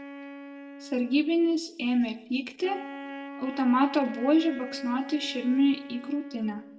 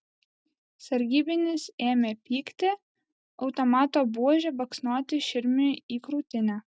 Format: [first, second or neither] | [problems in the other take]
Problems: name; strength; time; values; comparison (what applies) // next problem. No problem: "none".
second | background sound (Wind instrument, woodwind instrument); 14 dB below the speech // room echo; dies away in 0.6 s